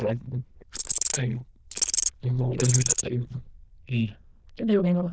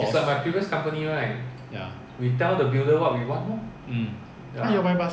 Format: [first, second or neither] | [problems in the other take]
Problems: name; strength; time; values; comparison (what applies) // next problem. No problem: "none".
second | noise reduction (neural diffusion model UNIVERSE++)